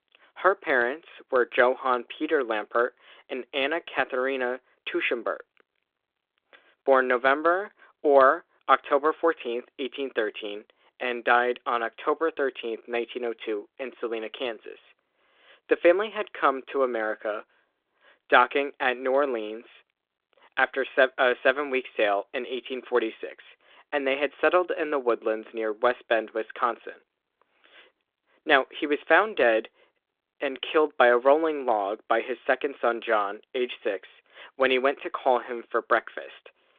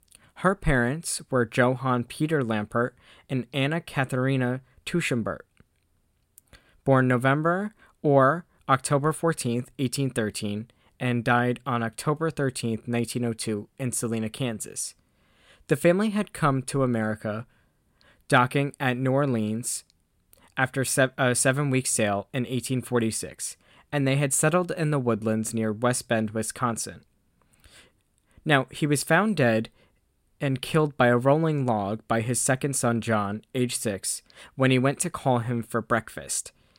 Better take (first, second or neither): second